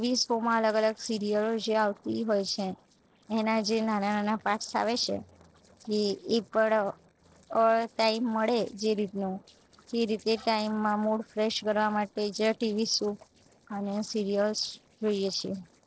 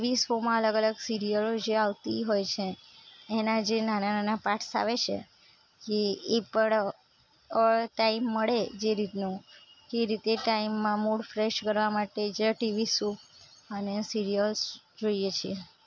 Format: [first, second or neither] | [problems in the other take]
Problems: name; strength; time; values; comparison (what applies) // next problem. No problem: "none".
second | noise reduction (neural separator model SepFormer DNS4)